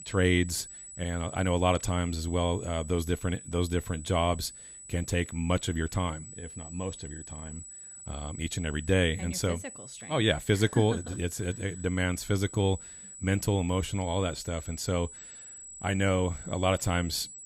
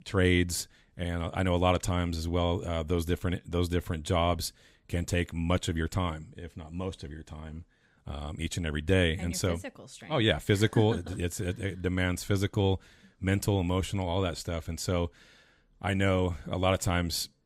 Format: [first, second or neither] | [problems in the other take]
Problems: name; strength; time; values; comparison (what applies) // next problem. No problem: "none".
second | high-pitched whine; noticeable; throughout; 8 kHz, 15 dB below the speech